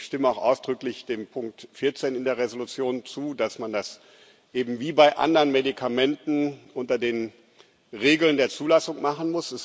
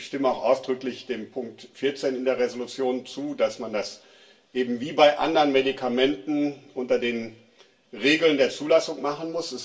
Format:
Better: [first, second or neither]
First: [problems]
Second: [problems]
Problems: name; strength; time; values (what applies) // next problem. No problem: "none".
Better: first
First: none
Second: room echo; dies away in 0.3 s